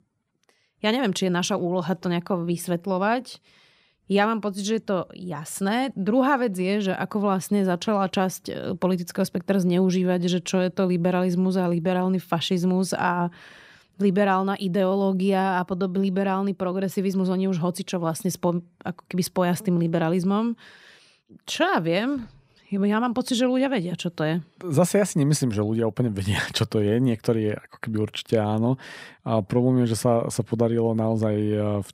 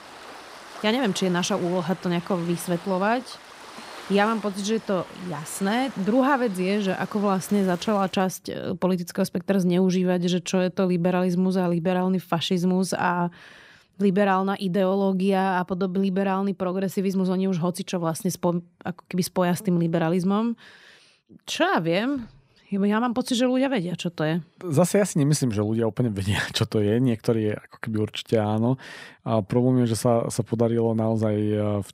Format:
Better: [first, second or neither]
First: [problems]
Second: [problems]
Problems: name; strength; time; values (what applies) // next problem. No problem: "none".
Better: first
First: none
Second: rain or running water; noticeable; until 8 s; 20 dB below the speech